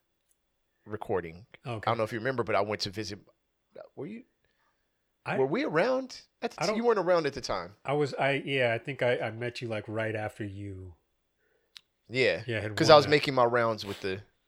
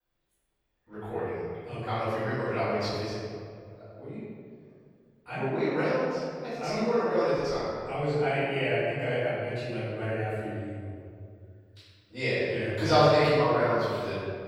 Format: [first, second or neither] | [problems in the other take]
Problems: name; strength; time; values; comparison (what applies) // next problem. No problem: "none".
first | off-mic speech; far // room echo; strong; dies away in 2 s